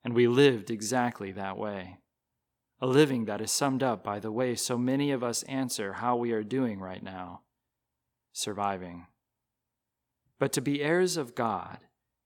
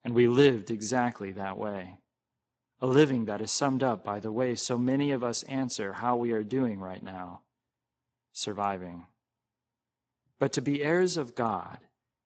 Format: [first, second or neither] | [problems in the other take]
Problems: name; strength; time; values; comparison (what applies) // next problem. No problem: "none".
first | garbled, watery; badly; nothing above 8 kHz